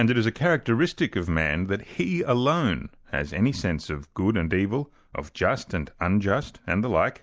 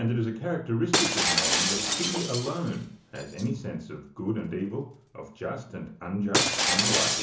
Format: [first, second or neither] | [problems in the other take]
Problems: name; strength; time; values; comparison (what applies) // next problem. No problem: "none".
first | background sound (Shatter); 2 dB above the speech // room echo; dies away in 0.8 s